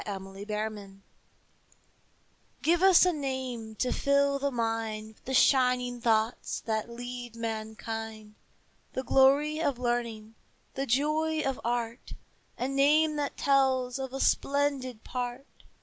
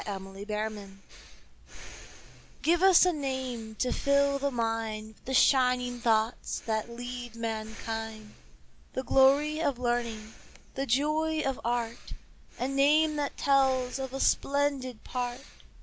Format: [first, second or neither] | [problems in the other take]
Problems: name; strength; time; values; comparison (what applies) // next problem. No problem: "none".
first | background sound (Breathing); 16 dB below the speech